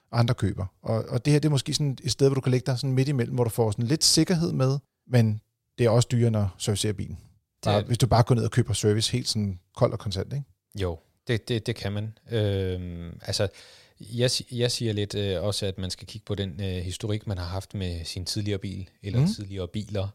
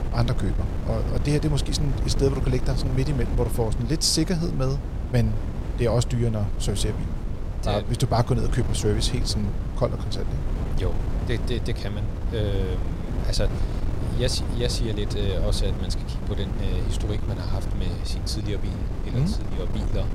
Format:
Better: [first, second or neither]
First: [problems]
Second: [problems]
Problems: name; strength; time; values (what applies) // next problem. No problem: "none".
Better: first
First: none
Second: wind noise on the microphone; heavy; 8 dB below the speech